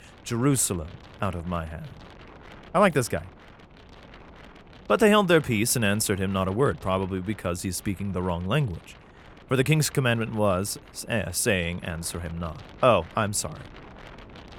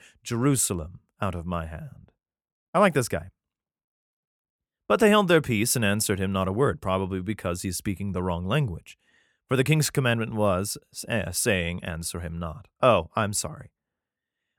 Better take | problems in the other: second | wind noise on the microphone; occasional gusts; 20 dB below the speech

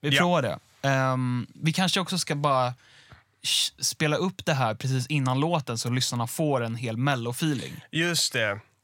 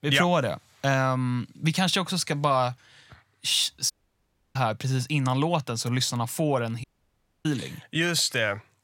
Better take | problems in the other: first | audio cutting out; at 4 s for 0.5 s and at 7 s for 0.5 s

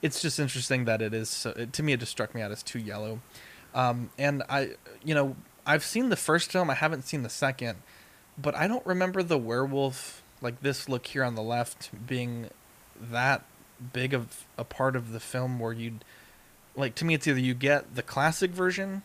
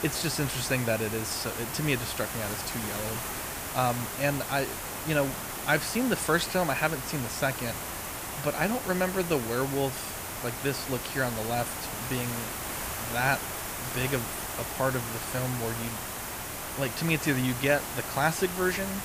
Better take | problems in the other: first | hiss; loud; throughout; 4 dB below the speech; faint in the first

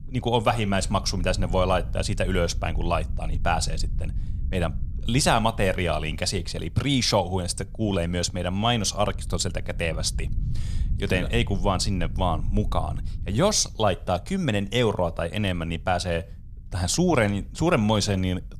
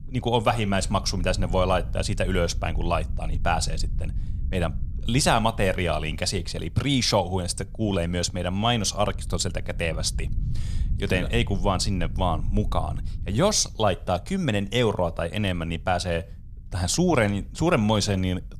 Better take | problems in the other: neither | low rumble; faint; throughout; 25 dB below the speech; the same in both

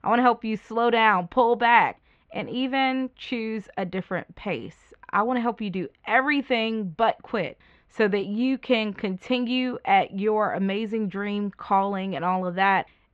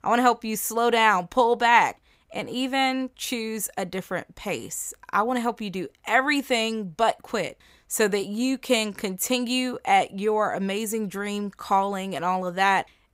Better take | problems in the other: second | muffled; slightly; fading above 3 kHz

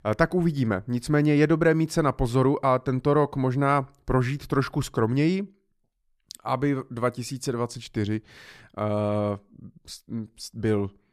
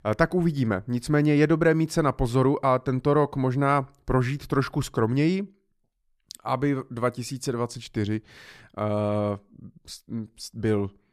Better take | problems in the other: neither | none

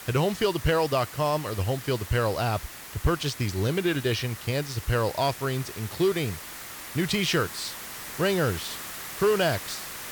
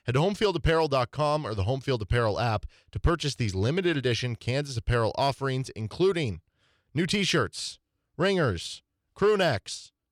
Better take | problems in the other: second | hiss; noticeable; throughout; 10 dB below the speech

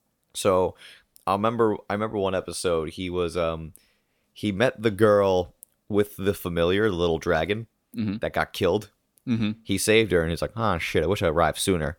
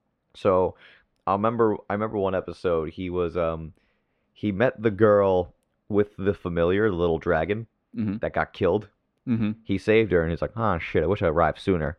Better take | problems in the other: first | muffled; very; fading above 2 kHz

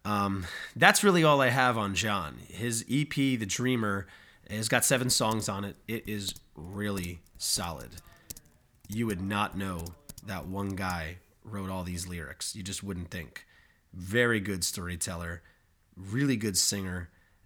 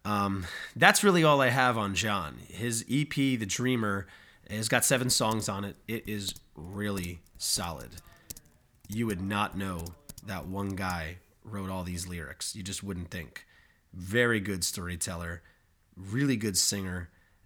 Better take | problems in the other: neither | keyboard typing; faint; from 5 to 11 s; peak 15 dB below the speech; the same in both

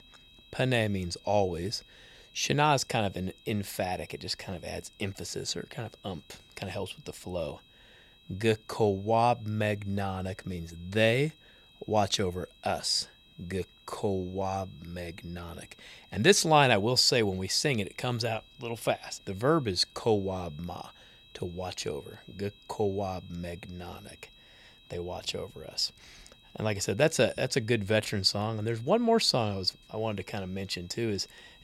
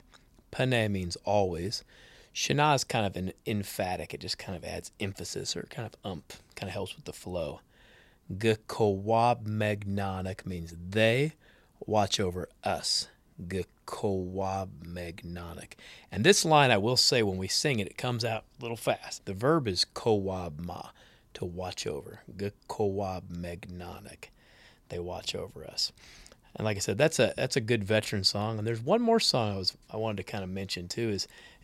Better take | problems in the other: second | high-pitched whine; faint; throughout; 4 kHz, 25 dB below the speech

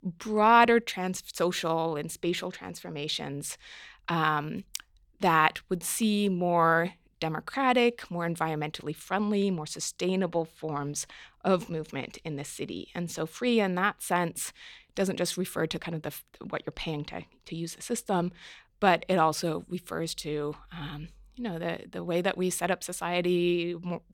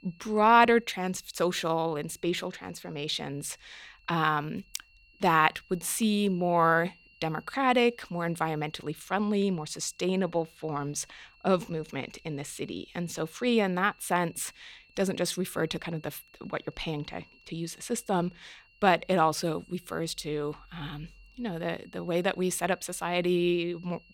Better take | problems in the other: first | high-pitched whine; faint; throughout; 3 kHz, 30 dB below the speech

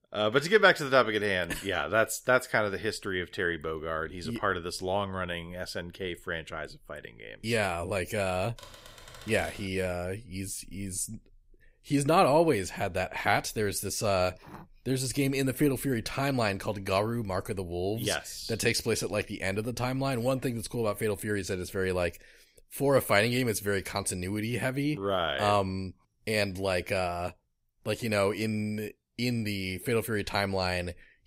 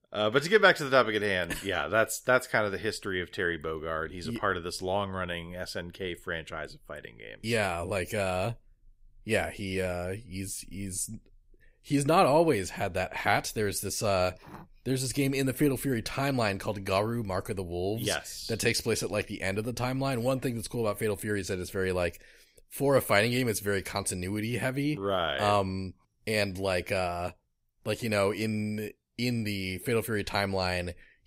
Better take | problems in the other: second | keyboard typing; faint; from 8.5 to 9.5 s; peak 15 dB below the speech

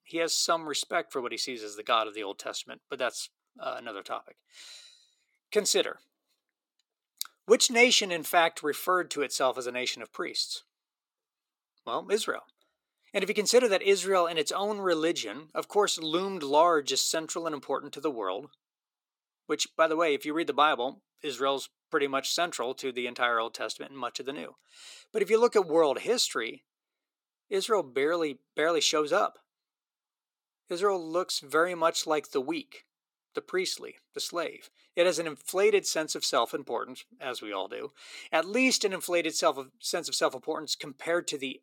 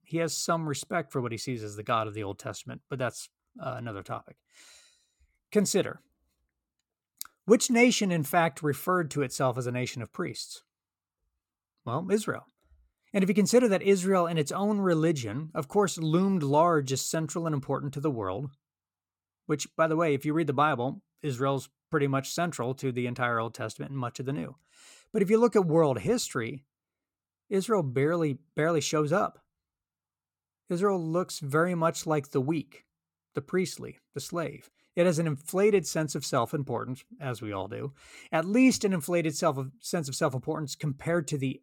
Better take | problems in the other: second | thin; somewhat; fading below 350 Hz

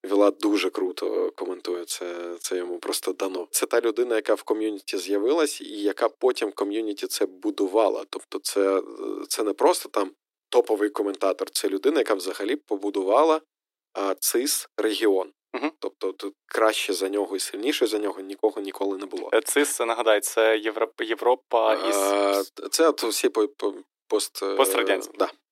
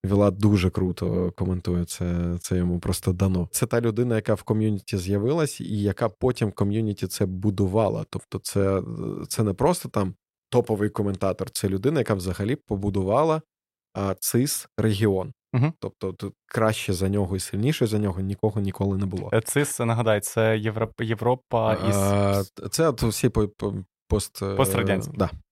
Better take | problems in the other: second | thin; somewhat; fading below 300 Hz

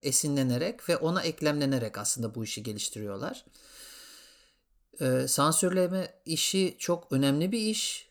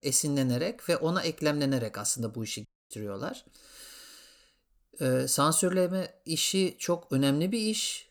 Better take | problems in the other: first | audio cutting out; at 2.5 s

